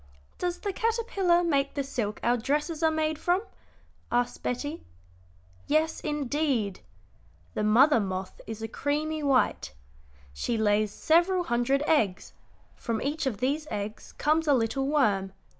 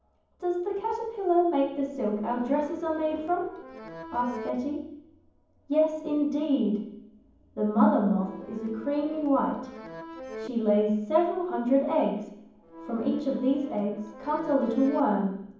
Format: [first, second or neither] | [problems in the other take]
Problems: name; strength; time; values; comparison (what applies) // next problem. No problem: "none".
first | background sound (Accordion); 14 dB below the speech // room echo; dies away in 1.2 s